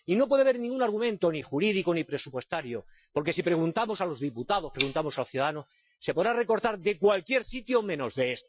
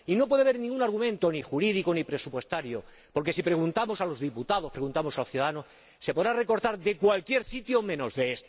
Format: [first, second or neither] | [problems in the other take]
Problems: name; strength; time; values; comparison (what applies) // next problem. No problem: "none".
second | noise reduction (classical method Wiener filter)